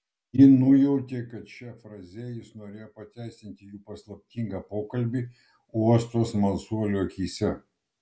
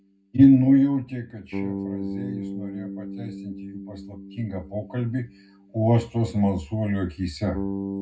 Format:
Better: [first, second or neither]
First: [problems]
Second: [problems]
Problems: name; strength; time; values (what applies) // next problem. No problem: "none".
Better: first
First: none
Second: background sound (Bass guitar); 11 dB below the speech // room echo; dies away in 0.3 s